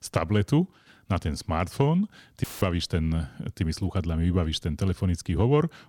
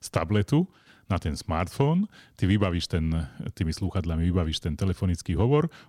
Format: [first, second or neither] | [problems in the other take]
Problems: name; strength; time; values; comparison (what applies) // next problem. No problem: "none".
second | audio cutting out; filled with static; at 2.5 s